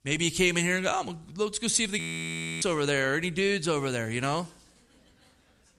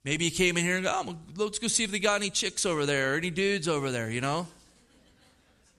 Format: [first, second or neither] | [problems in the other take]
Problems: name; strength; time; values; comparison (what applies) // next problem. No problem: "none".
second | audio freezing; at 2 s for 0.5 s